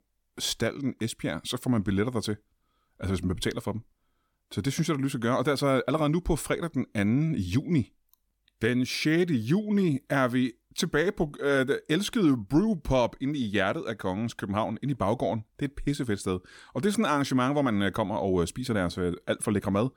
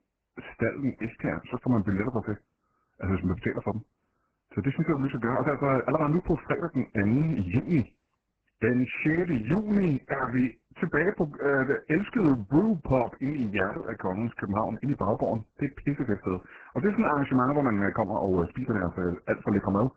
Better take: first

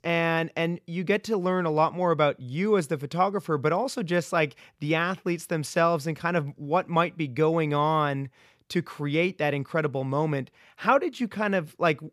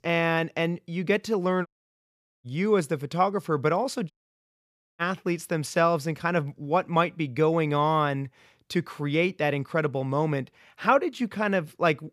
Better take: first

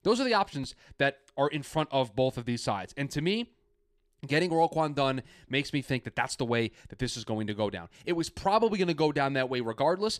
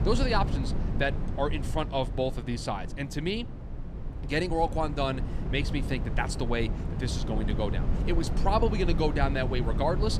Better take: first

